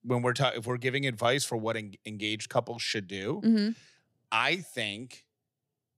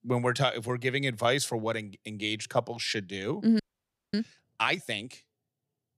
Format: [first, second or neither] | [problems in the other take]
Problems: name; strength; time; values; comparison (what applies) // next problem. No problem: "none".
first | audio freezing; at 3.5 s for 0.5 s